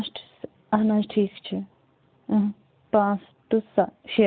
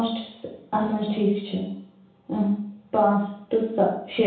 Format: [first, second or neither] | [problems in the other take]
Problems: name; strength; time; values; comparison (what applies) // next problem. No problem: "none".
first | room echo; dies away in 0.7 s